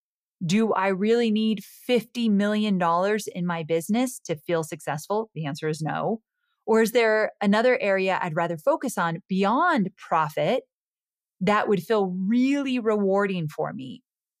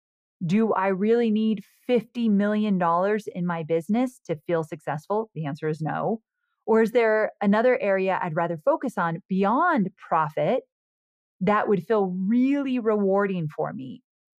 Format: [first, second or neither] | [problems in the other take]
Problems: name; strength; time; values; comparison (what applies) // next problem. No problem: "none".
first | muffled; slightly; fading above 3 kHz